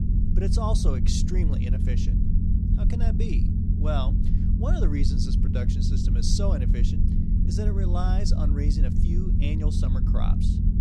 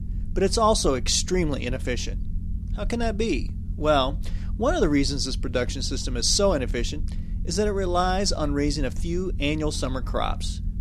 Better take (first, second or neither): second